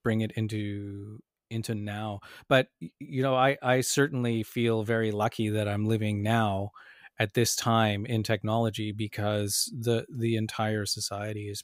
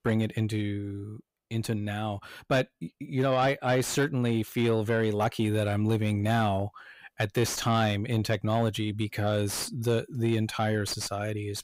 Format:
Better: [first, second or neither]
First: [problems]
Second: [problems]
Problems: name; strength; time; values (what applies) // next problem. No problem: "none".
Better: first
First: none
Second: distortion; slight; 10 dB below the speech